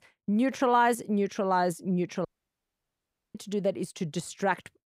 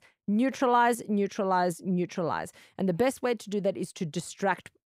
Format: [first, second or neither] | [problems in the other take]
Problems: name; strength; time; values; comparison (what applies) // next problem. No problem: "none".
second | audio cutting out; at 2.5 s for 1 s